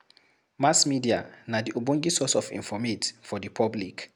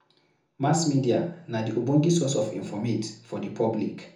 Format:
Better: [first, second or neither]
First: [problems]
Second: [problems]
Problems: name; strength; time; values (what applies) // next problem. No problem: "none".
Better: first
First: none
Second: room echo; dies away in 0.6 s